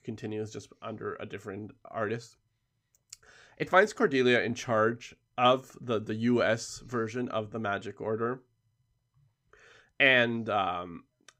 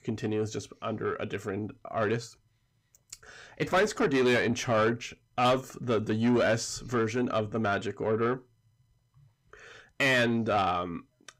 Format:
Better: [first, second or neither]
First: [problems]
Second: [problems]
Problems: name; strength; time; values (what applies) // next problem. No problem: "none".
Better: first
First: none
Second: distortion; heavy; 7 dB below the speech